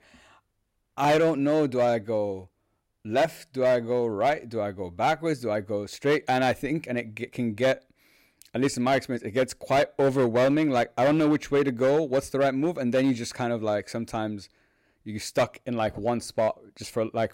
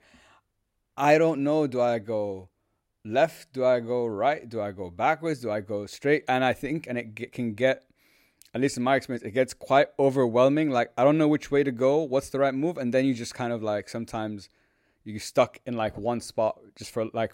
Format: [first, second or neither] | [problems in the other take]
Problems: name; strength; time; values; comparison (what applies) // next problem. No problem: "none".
second | distortion; slight; 6% of the sound clipped